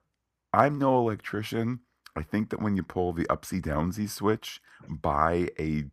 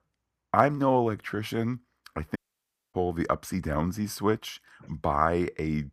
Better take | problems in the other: first | audio cutting out; at 2.5 s for 0.5 s

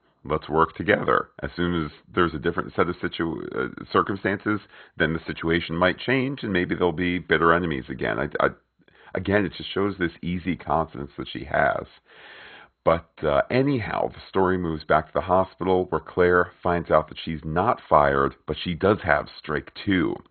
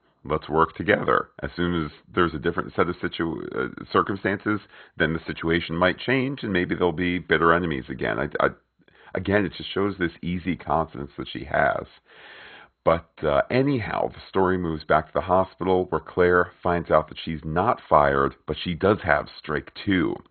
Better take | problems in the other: neither | garbled, watery; badly; nothing above 4 kHz; the same in both

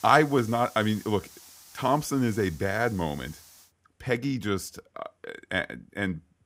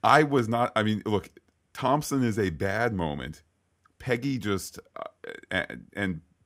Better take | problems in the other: second | hiss; faint; until 3.5 s; 20 dB below the speech

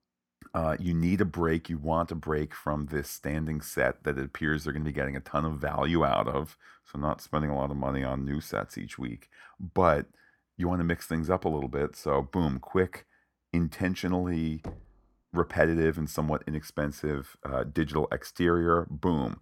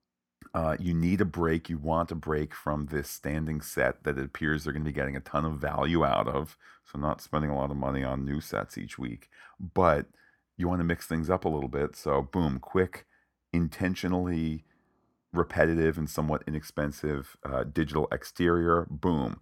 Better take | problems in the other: second | door banging; faint; at 15 s; peak 15 dB below the speech

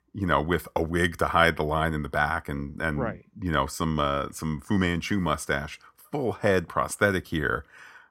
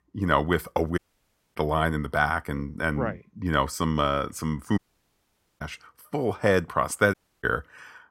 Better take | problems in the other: first | audio cutting out; at 1 s for 0.5 s, at 5 s for 1 s and at 7 s

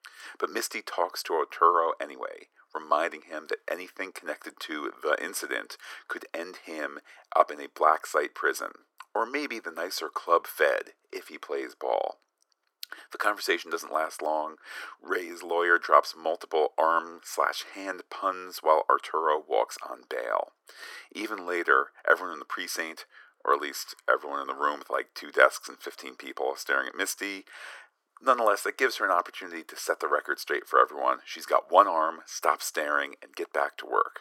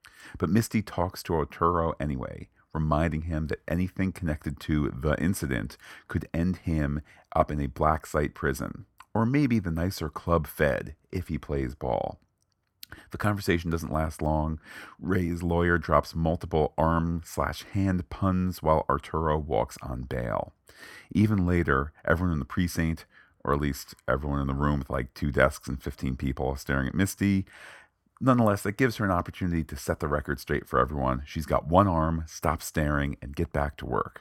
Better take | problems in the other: second | thin; very; fading below 350 Hz

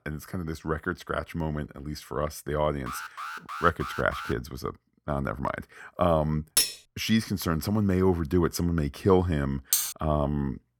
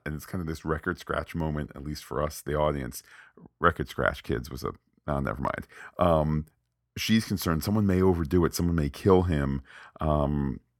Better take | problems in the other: second | alarm; noticeable; from 3 to 4.5 s; peak 8 dB below the speech // clattering dishes; loud; at 6.5 s and at 9.5 s; peak 4 dB above the speech

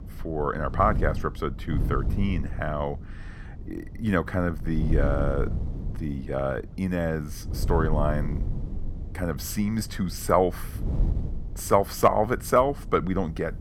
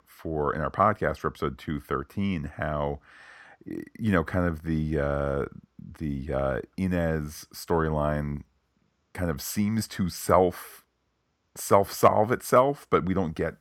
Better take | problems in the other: second | wind noise on the microphone; occasional gusts; 20 dB below the speech

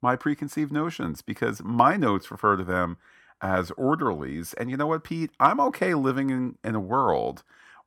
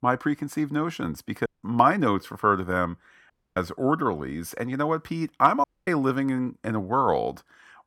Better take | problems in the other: first | audio cutting out; at 1.5 s, at 3.5 s and at 5.5 s

